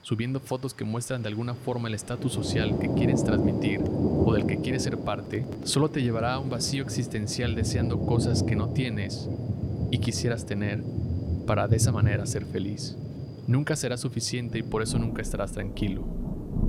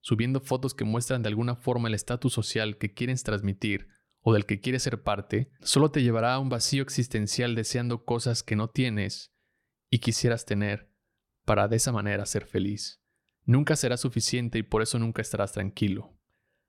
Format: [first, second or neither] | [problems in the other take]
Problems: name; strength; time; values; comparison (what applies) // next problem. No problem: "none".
second | rain or running water; very loud; throughout; as loud as the speech